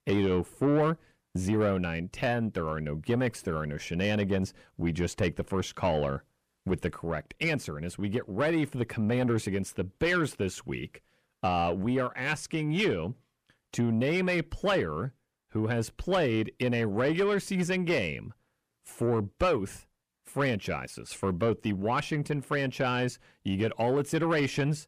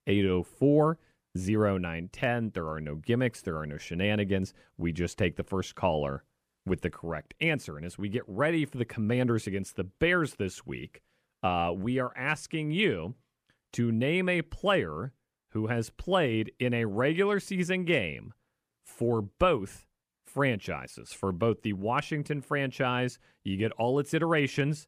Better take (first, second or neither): second